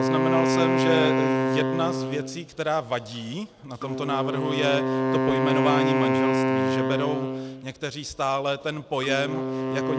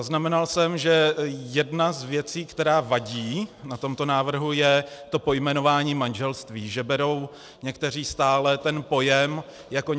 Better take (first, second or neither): second